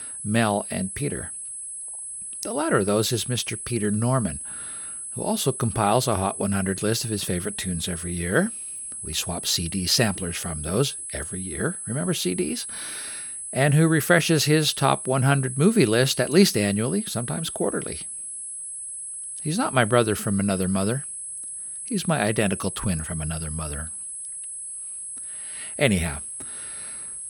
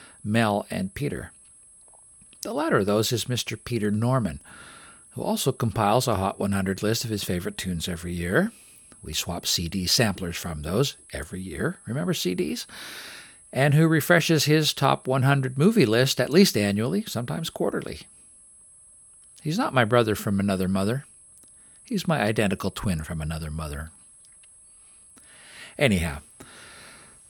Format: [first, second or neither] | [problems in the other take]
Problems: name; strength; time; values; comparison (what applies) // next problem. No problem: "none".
second | high-pitched whine; loud; throughout; 10 kHz, 8 dB below the speech; faint in the second